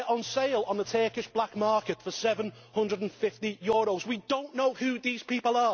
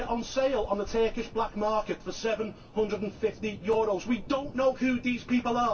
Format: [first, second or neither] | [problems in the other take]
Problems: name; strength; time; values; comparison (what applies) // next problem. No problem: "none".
first | background sound (Thunder); 14 dB below the speech // room echo; dies away in 0.1 s